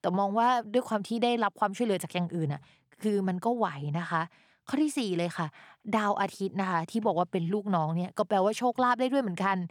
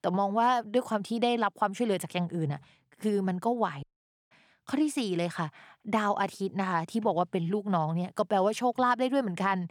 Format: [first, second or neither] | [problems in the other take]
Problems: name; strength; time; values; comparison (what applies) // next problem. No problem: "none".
first | audio cutting out; at 4 s